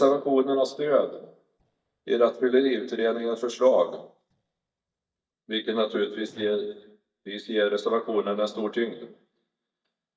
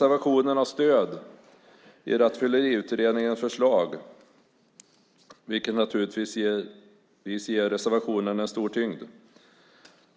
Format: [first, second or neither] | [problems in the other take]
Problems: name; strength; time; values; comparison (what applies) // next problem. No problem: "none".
second | noise reduction (neural mask model DeepFilterNet 3)